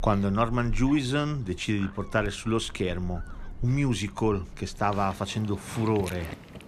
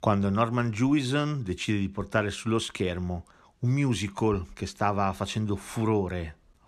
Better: second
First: animal sounds; noticeable; throughout; 15 dB below the speech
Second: none

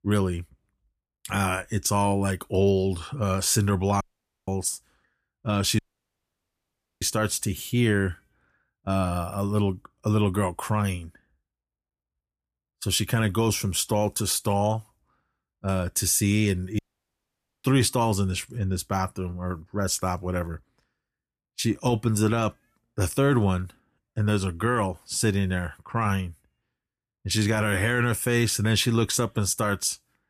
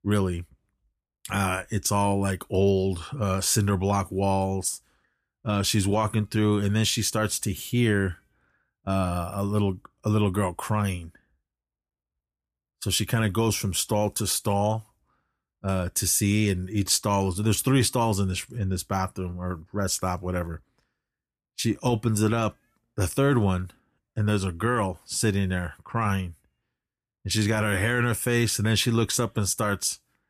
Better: second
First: audio cutting out; at 4 s, at 6 s for 1 s and at 17 s for 1 s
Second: none

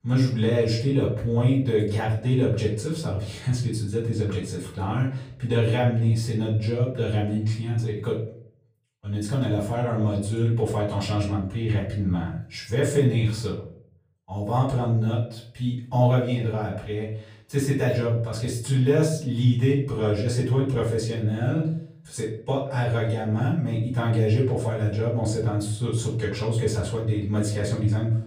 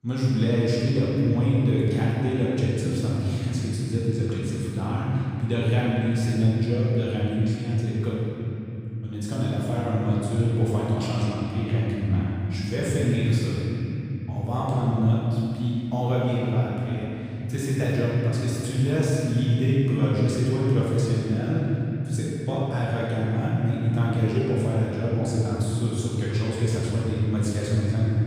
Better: first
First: room echo; slight; dies away in 0.5 s // off-mic speech; far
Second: room echo; strong; dies away in 3 s // off-mic speech; far

